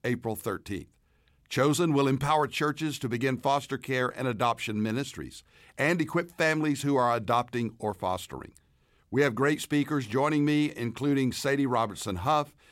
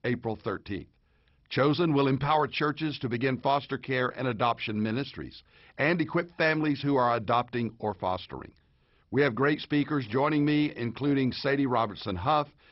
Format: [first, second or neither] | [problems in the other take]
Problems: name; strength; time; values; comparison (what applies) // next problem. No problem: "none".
first | garbled, watery; badly; nothing above 5.5 kHz